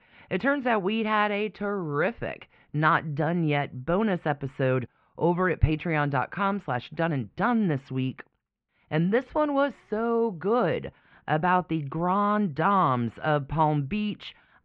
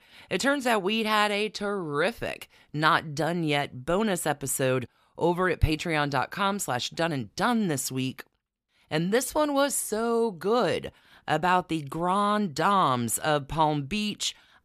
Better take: second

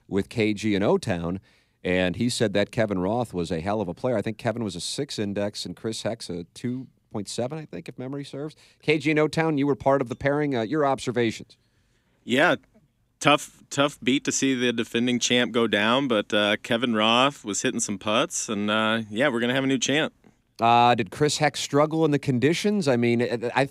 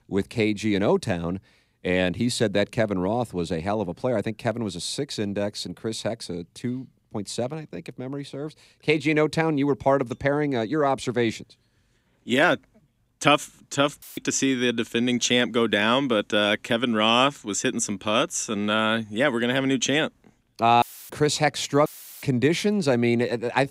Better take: first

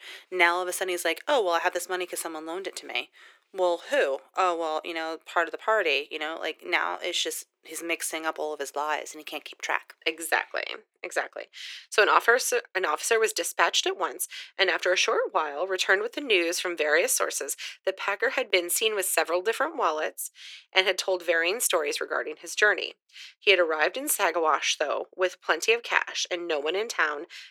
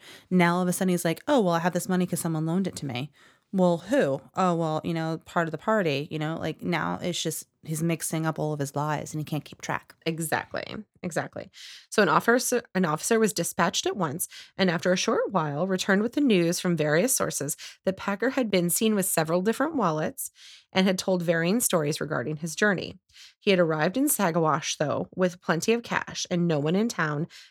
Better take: second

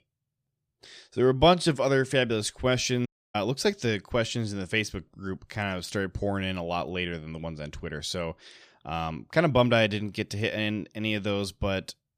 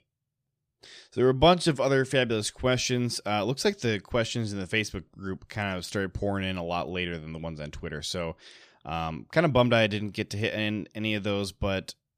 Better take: second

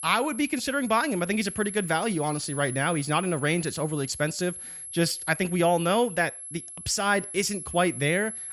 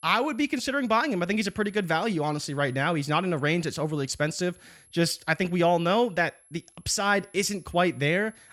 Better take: second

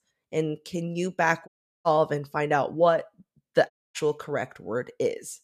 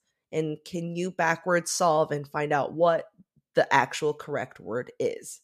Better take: second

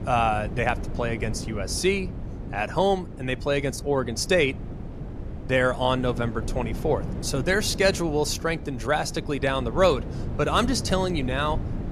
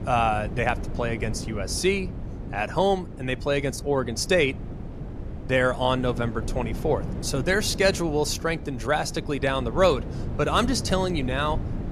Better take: neither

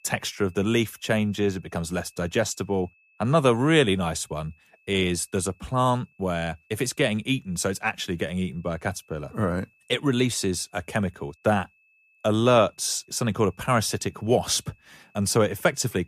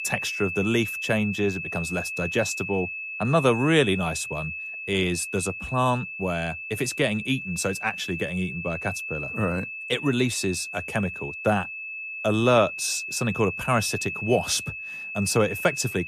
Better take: first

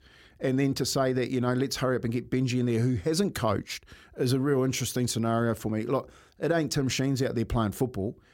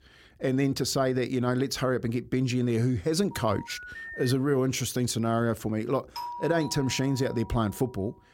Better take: first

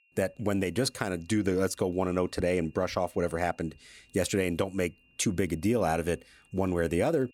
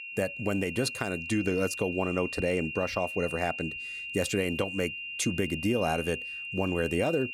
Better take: first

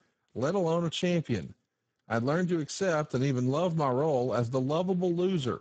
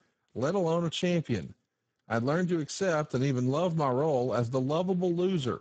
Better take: neither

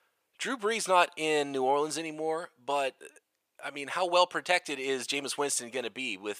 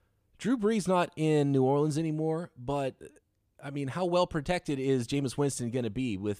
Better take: second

